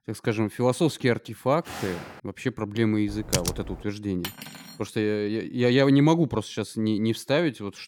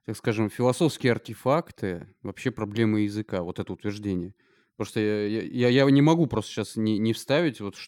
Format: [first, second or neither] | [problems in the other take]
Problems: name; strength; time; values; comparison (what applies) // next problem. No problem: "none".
second | footsteps; faint; at 1.5 s; peak 10 dB below the speech // keyboard typing; noticeable; at 3 s; peak 2 dB below the speech // clattering dishes; faint; at 4 s; peak 10 dB below the speech